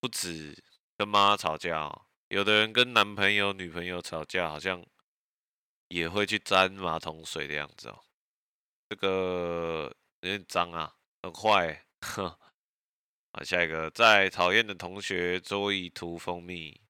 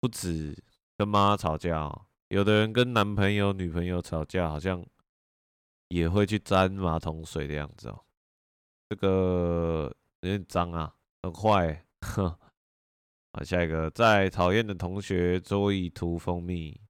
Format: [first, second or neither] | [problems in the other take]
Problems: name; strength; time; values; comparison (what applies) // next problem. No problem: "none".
second | thin; somewhat; fading below 700 Hz